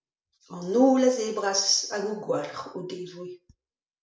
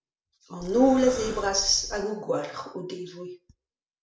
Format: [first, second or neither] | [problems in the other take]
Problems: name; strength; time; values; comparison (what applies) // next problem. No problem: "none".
first | background sound (Breathing); 12 dB below the speech